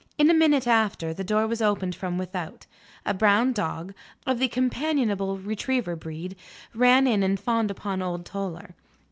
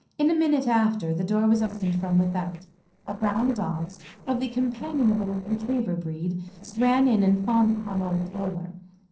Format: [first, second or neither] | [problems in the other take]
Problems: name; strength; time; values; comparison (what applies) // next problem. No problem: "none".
first | noise reduction (neural separator model SepFormer DNS4)